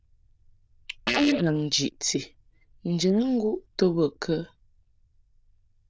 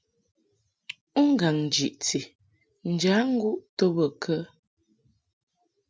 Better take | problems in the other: second | noise reduction (neural diffusion model UNIVERSE++)

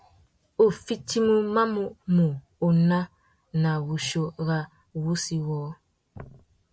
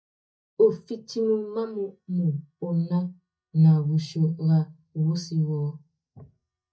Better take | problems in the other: first | noise reduction (neural mask model DeepFilterNet 3)

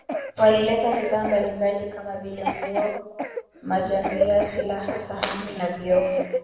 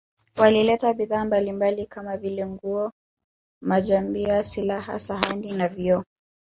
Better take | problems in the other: second | background sound (Cough); 6 dB below the speech // room echo; dies away in 1.2 s

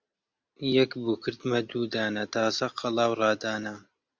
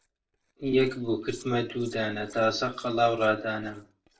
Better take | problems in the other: first | noise reduction (neural separator model SepFormer DNS4)

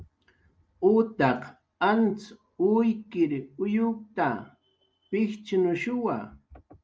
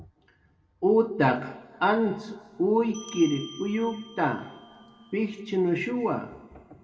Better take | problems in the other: first | background sound (Bell); 19 dB below the speech // room echo; dies away in 1.8 s

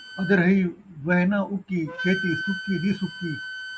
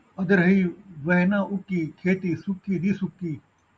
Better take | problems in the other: second | background sound (Wind instrument, woodwind instrument); 10 dB below the speech

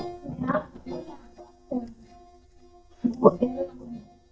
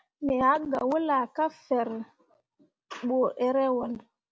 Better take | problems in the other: second | noise reduction (neural mask model DeepFilterNet 3)

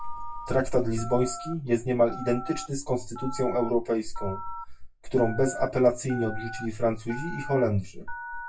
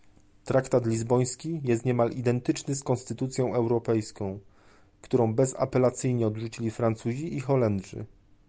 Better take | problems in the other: second | noise reduction (classical method WPE with log-MMSE)

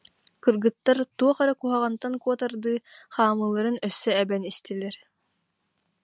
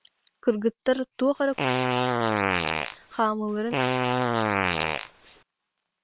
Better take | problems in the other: first | noise reduction (neural separator model SepFormer WHAM!)

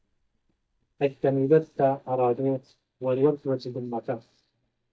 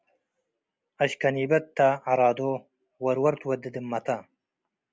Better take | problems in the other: second | noise reduction (neural mask model DeepFilterNet 3)

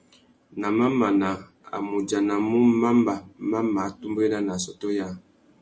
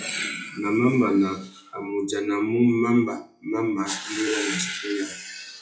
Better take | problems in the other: first | noise reduction (classical method WPE with log-MMSE)

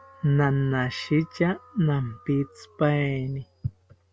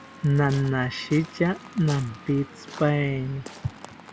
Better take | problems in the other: first | background sound (Waves, surf); 18 dB below the speech

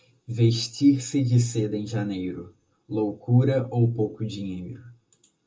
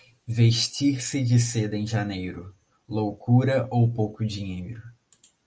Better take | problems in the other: second | room echo; dies away in 0.2 s

